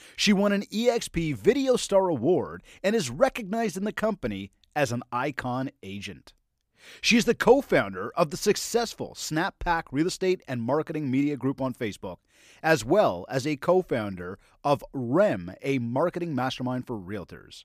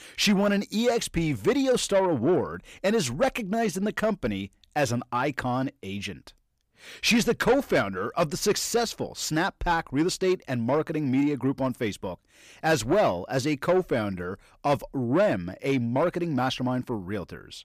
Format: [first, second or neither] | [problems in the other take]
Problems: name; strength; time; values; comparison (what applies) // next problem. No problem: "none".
first | distortion; slight; 10 dB below the speech